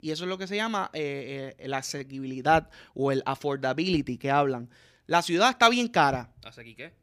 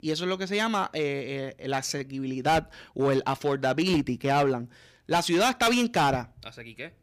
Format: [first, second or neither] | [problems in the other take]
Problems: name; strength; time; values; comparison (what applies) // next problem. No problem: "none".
first | distortion; heavy; 6% of the sound clipped